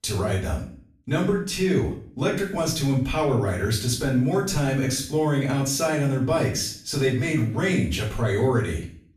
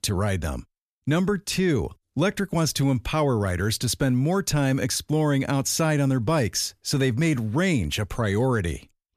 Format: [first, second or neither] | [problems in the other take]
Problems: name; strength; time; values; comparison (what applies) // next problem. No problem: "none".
second | off-mic speech; far // room echo; noticeable; dies away in 0.4 s